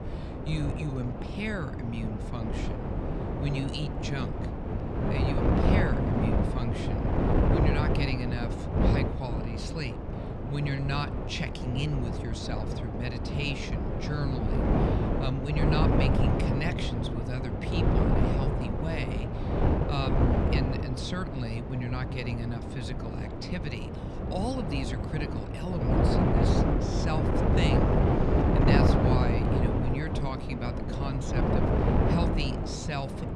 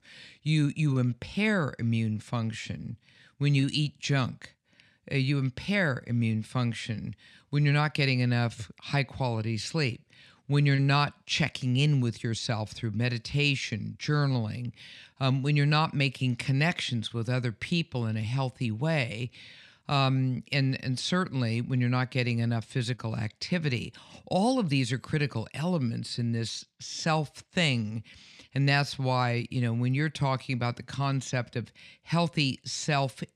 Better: second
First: wind noise on the microphone; heavy; 4 dB above the speech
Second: none

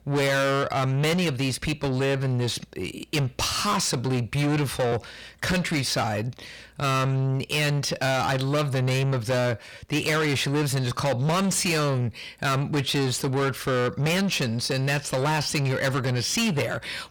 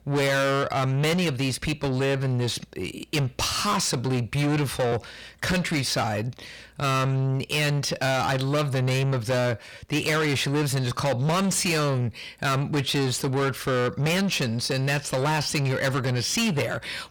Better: neither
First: distortion; heavy; 6 dB below the speech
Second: distortion; heavy; 6 dB below the speech

